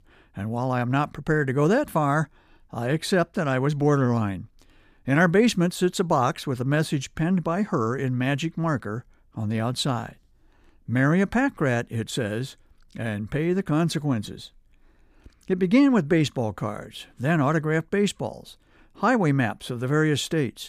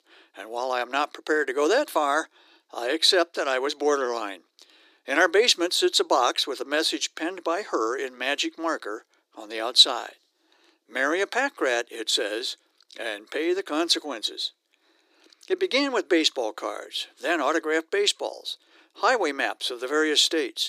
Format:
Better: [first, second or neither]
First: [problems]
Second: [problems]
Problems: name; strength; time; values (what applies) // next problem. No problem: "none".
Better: first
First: none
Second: thin; very; fading below 300 Hz